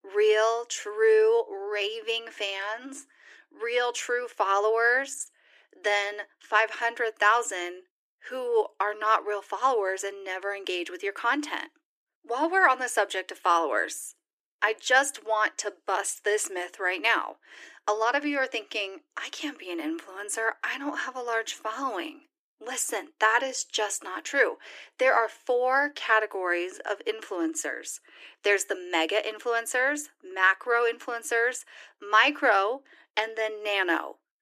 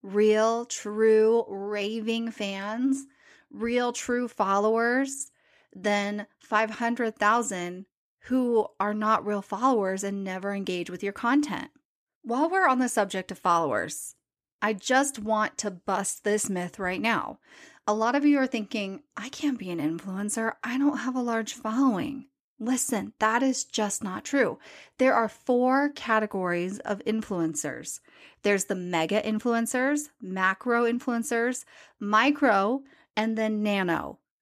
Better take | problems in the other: second | thin; very; fading below 300 Hz

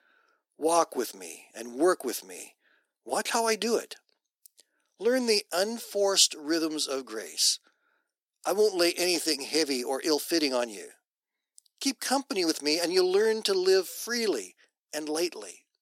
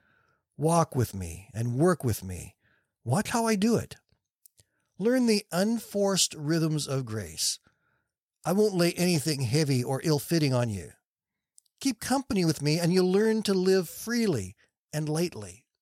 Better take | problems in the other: second | thin; somewhat; fading below 300 Hz

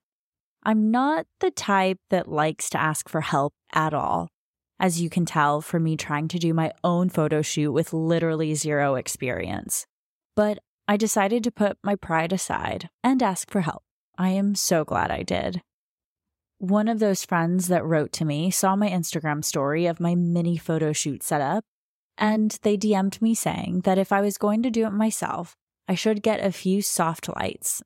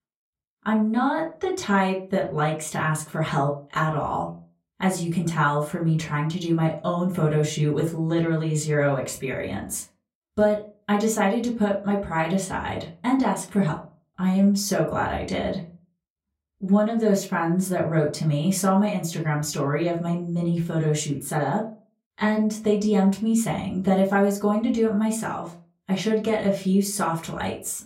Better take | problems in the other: first | off-mic speech; far // room echo; very slight; dies away in 0.3 s

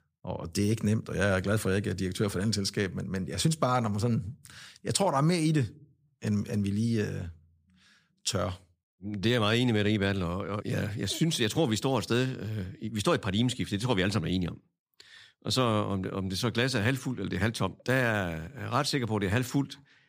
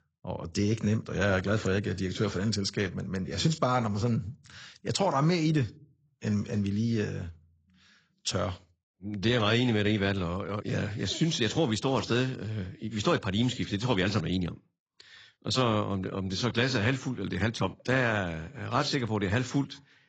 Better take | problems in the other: first | garbled, watery; badly; nothing above 7.5 kHz

